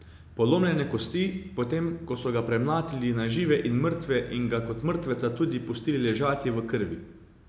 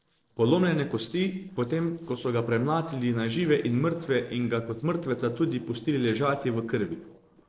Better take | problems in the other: first | noise reduction (neural separator model SepFormer DNS4)

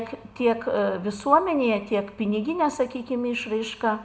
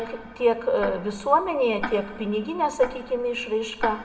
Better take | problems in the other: first | background sound (Tick-tock); 13 dB below the speech // room echo; dies away in 1.1 s

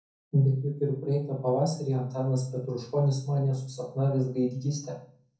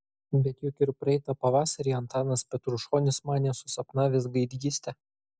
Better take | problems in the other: second | room echo; dies away in 0.5 s

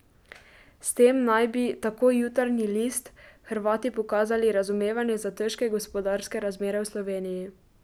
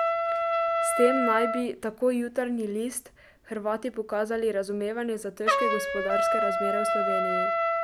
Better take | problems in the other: first | background sound (Trumpet); 1 dB above the speech

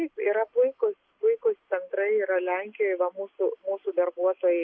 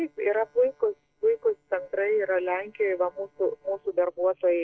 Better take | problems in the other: first | noise reduction (neural separator model SepFormer DNS4)

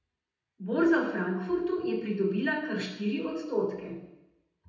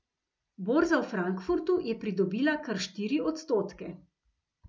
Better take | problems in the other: second | room echo; dies away in 0.9 s

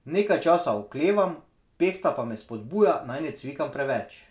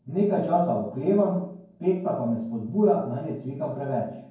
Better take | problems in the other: first | room echo; dies away in 0.9 s

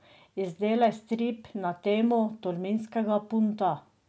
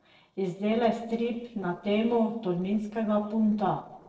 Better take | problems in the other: first | noise reduction (neural separator model SepFormer DNS4)

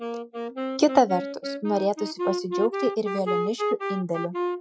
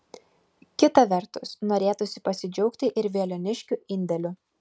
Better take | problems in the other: second | noise reduction (classical method Wiener filter)

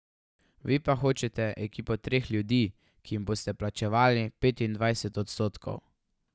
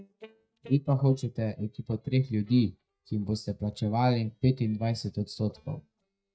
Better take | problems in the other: first | noise reduction (neural mask model DeepFilterNet 3)

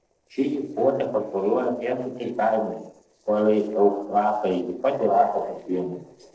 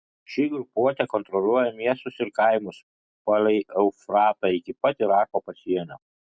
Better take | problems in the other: second | noise reduction (neural separator model SepFormer DNS4)

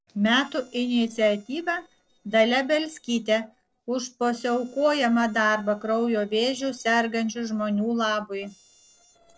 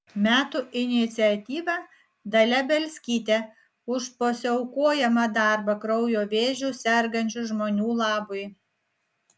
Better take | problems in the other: second | noise reduction (neural separator model SepFormer DNS4)

